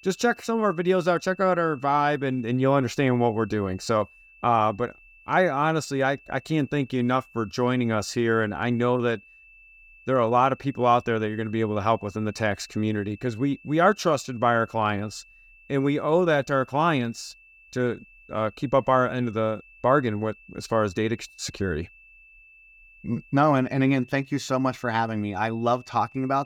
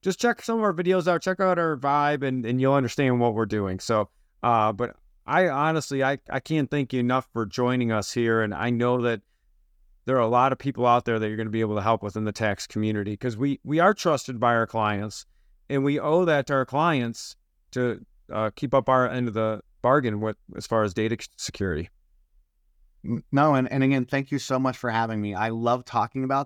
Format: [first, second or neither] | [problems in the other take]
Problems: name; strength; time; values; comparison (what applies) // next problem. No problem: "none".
second | high-pitched whine; faint; throughout; 2.5 kHz, 25 dB below the speech